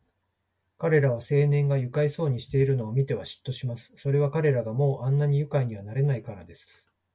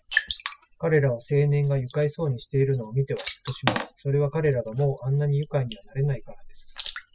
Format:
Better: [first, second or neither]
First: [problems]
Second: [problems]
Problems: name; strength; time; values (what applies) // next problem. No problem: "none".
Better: first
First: none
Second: noise reduction (classical method spectral subtraction)